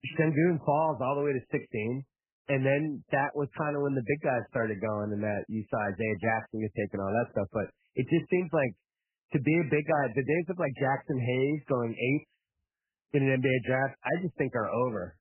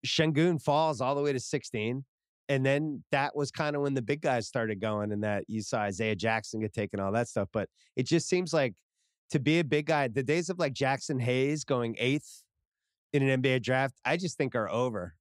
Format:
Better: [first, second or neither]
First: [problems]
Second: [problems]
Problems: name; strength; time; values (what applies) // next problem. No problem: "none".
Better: second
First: garbled, watery; badly; nothing above 3 kHz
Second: none